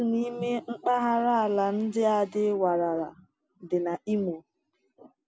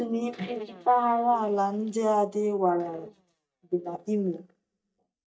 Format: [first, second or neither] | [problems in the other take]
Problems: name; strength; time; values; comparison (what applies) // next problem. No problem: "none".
first | noise reduction (neural mask model DeepFilterNet 3)